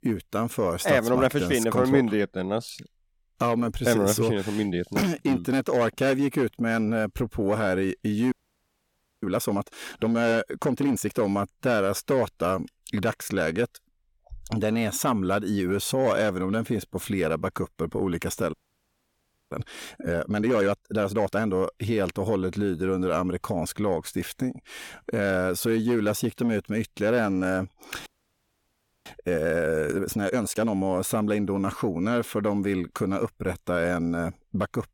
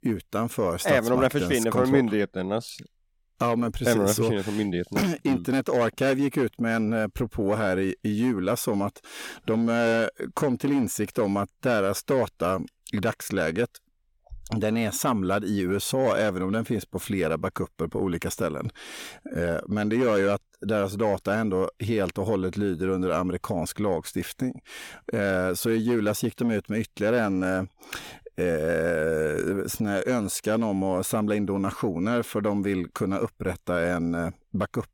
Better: second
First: audio freezing; at 8.5 s for 1 s, at 19 s for 1 s and at 28 s for 1 s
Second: none

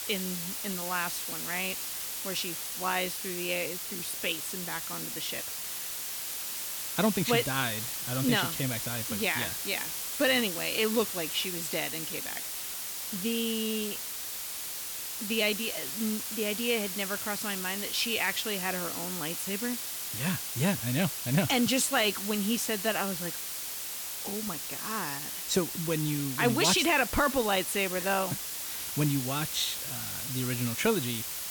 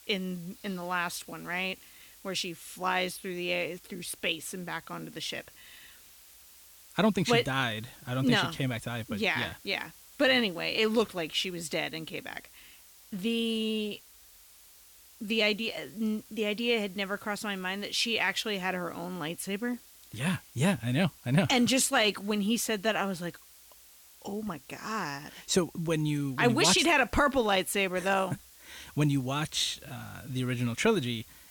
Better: second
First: hiss; loud; throughout; 3 dB below the speech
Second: hiss; faint; throughout; 20 dB below the speech

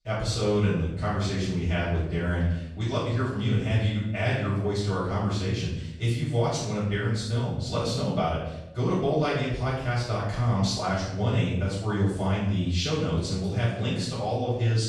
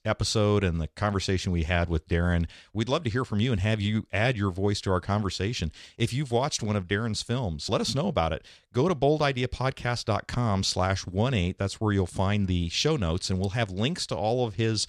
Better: second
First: off-mic speech; far // room echo; noticeable; dies away in 0.8 s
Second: none

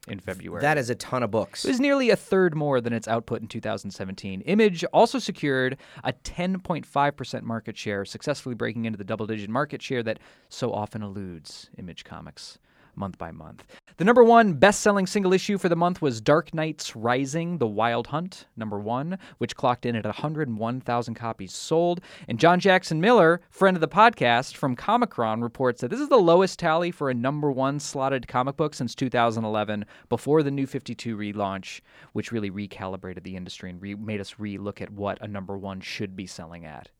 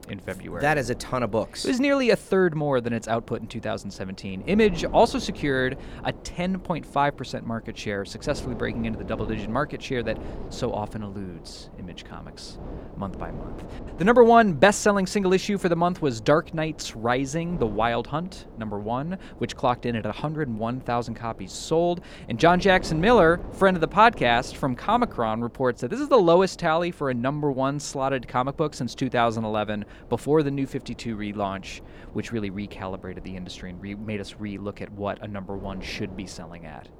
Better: first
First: none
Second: wind noise on the microphone; occasional gusts; 20 dB below the speech

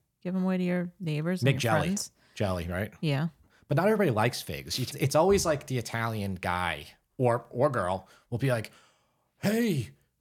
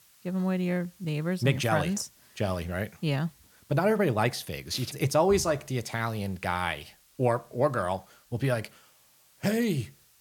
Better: first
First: none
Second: hiss; faint; throughout; 30 dB below the speech

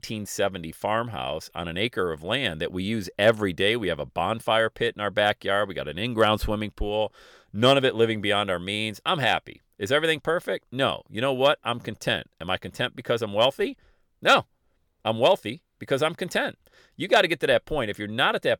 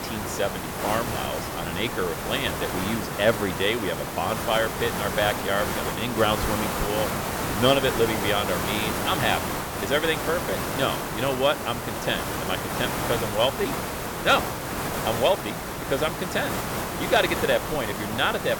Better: first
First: none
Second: hiss; loud; throughout; 2 dB below the speech

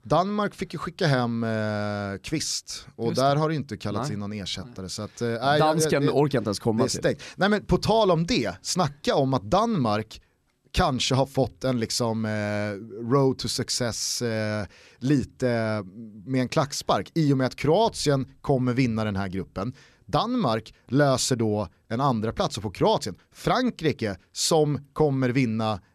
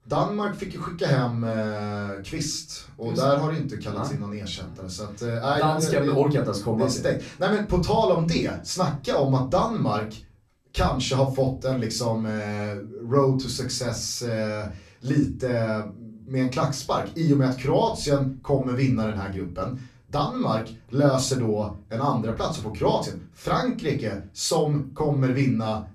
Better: first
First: none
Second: off-mic speech; far // room echo; slight; dies away in 0.3 s

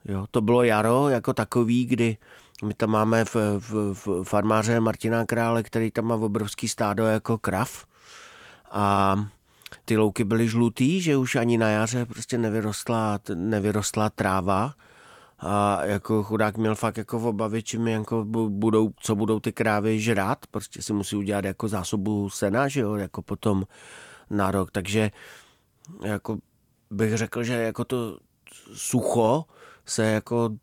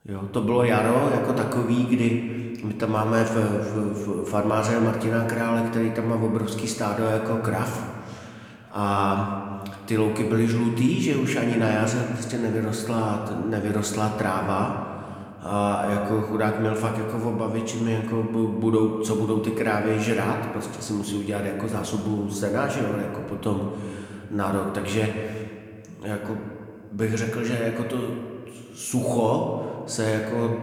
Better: first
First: none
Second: room echo; slight; dies away in 1.6 s

